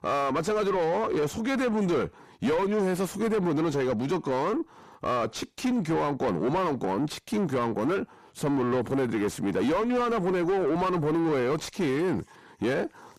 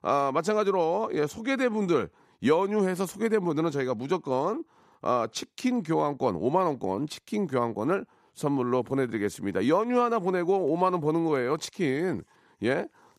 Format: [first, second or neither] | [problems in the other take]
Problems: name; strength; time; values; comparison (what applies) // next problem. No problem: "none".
second | distortion; heavy; 7 dB below the speech